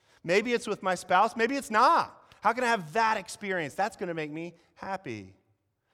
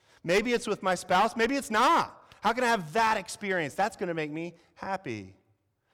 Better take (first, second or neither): first